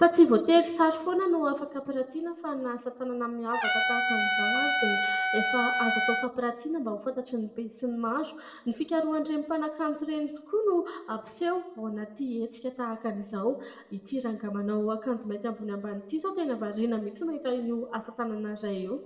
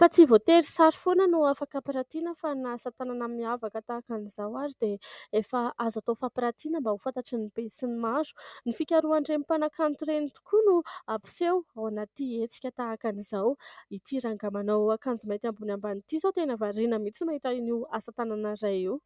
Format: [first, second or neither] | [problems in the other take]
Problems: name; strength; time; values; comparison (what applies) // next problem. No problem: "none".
second | background sound (Trumpet); 2 dB above the speech // room echo; dies away in 0.8 s